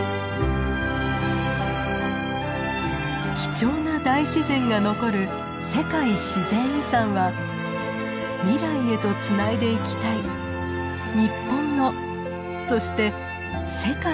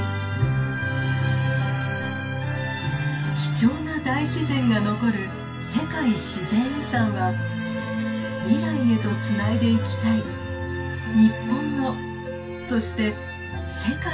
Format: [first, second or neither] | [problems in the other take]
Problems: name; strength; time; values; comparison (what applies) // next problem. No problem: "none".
first | room echo; dies away in 0.2 s